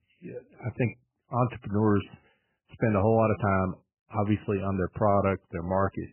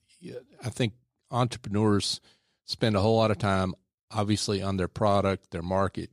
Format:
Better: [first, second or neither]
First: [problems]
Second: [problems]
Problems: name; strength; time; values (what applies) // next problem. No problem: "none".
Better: second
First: garbled, watery; badly; nothing above 2.5 kHz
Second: none